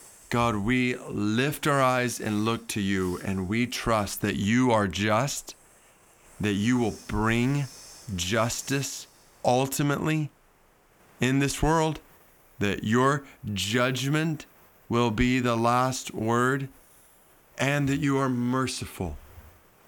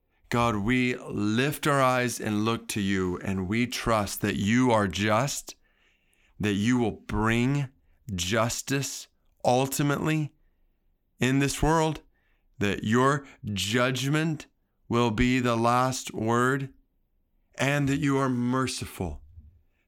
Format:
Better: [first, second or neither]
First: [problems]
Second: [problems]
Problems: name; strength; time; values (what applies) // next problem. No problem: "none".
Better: second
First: hiss; faint; throughout; 25 dB below the speech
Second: none